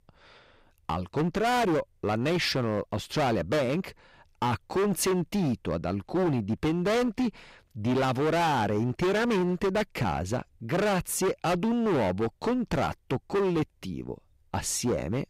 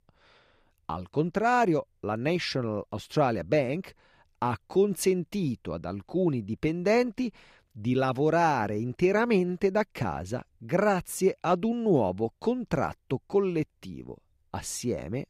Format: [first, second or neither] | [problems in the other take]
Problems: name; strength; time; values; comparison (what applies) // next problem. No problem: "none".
second | distortion; heavy; 19% of the sound clipped